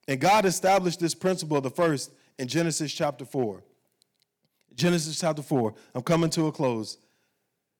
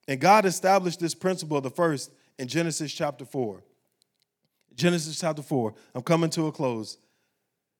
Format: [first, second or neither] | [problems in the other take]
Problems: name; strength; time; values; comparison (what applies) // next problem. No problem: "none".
second | distortion; slight; 3% of the sound clipped